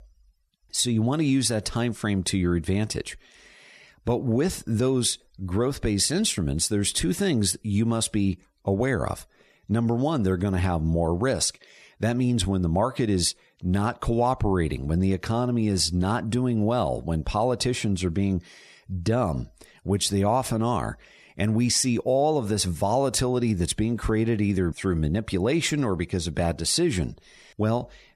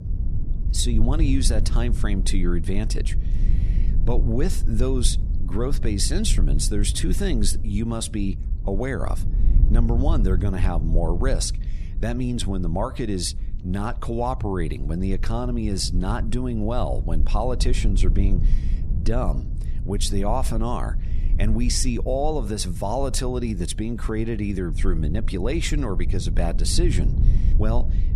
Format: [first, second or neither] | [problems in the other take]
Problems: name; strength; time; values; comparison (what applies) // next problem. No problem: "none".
first | low rumble; noticeable; throughout; 15 dB below the speech